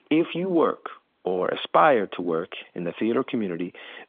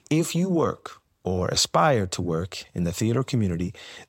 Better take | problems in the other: second | phone-call audio; nothing above 3.5 kHz

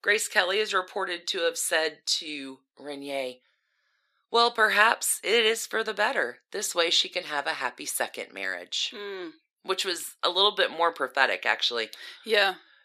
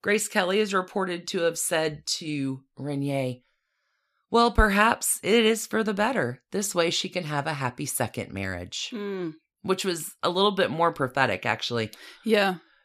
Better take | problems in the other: second | thin; very; fading below 400 Hz

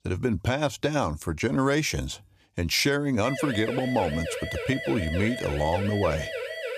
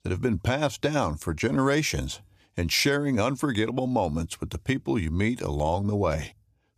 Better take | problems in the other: second | siren; noticeable; from 3 s on; peak 6 dB below the speech

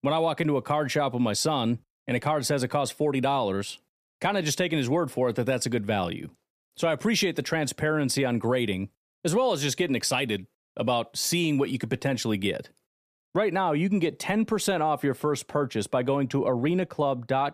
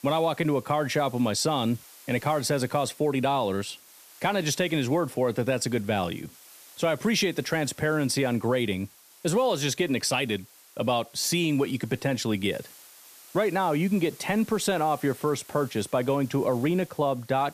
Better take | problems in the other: first | hiss; faint; throughout; 20 dB below the speech

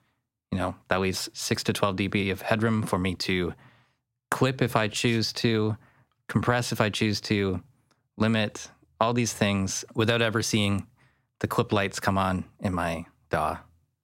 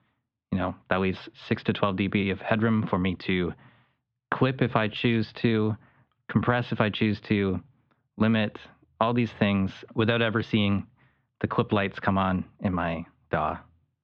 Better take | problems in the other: first | muffled; very; fading above 3.5 kHz

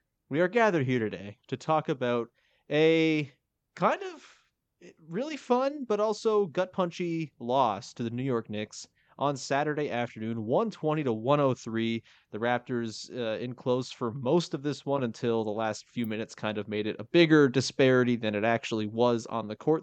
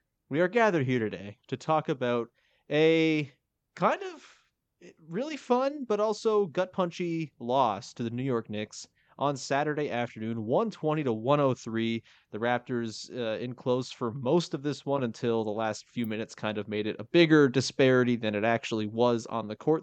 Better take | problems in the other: neither | none

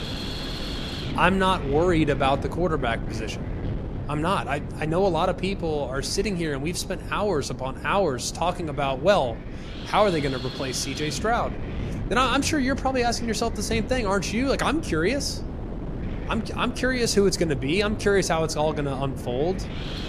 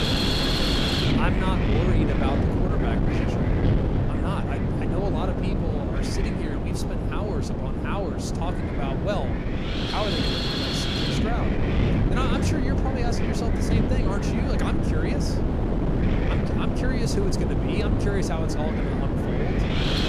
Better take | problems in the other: first | wind noise on the microphone; heavy; 4 dB above the speech; occasional gusts in the first

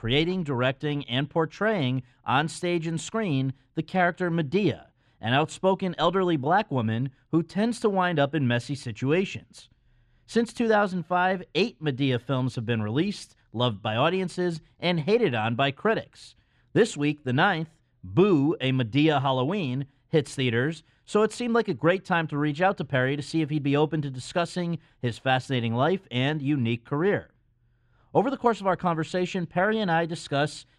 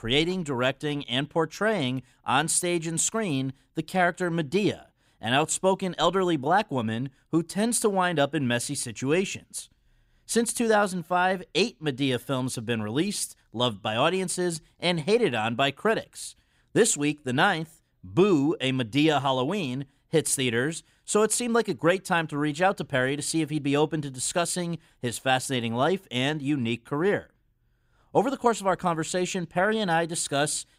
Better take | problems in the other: second | muffled; slightly; fading above 3.5 kHz

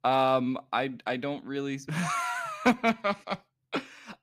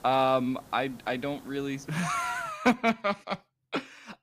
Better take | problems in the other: first | hiss; faint; until 2.5 s; 25 dB below the speech

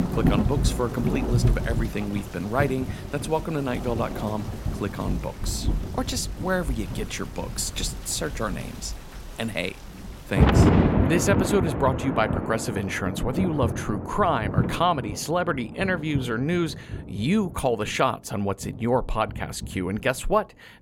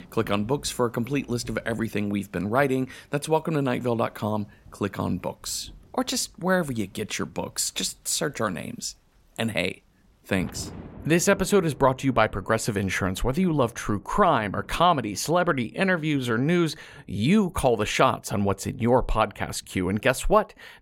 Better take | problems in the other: second | rain or running water; loud; throughout; 1 dB below the speech; faint in the second

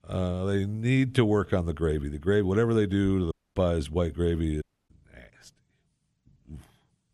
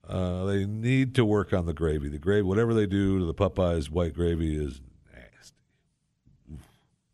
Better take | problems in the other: second | audio cutting out; at 3.5 s and at 4.5 s

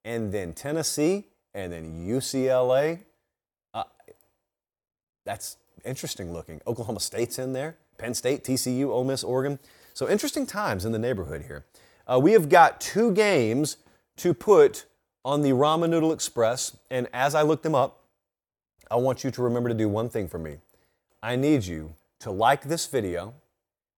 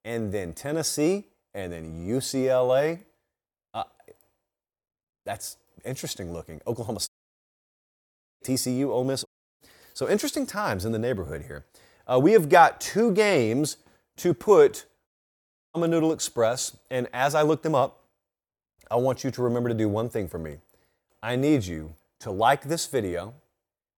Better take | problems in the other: first | audio cutting out; at 7 s for 1.5 s, at 9.5 s and at 15 s for 0.5 s

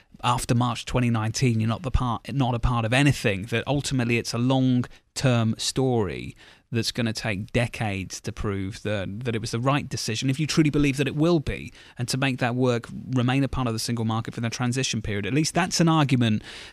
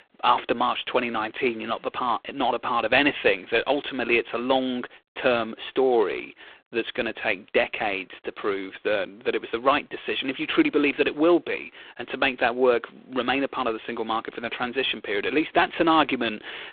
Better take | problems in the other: first | phone-call audio; poor line

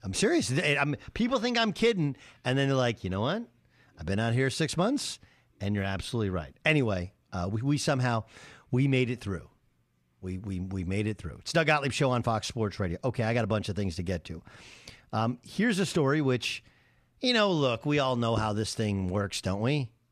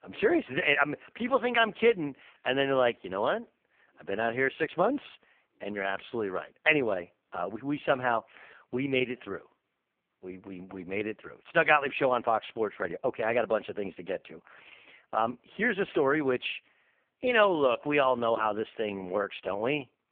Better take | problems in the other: first | phone-call audio; poor line

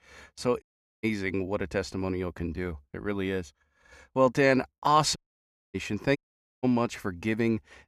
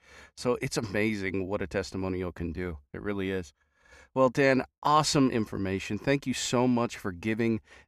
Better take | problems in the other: second | audio cutting out; at 0.5 s, at 5 s for 0.5 s and at 6 s

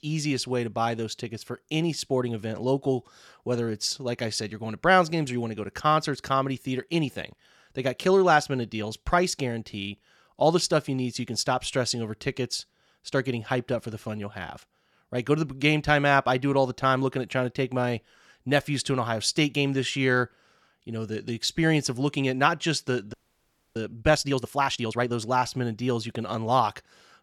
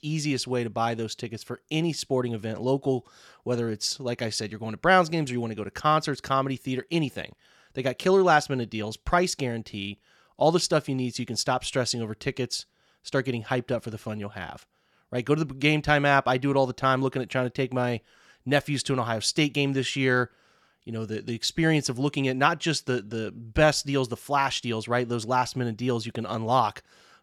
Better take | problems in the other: second | audio freezing; at 23 s for 0.5 s

